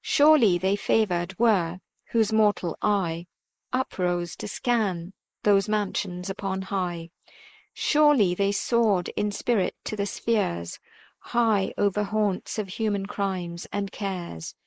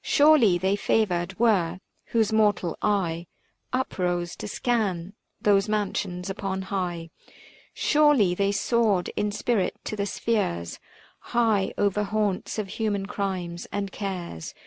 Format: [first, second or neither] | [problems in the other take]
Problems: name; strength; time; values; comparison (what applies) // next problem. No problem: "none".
second | noise reduction (neural mask model Resemble Enhance denoiser)